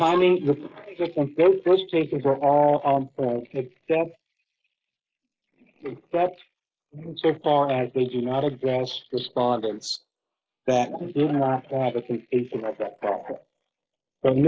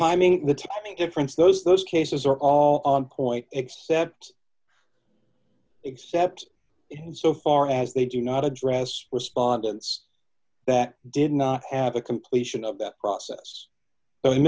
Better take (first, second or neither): second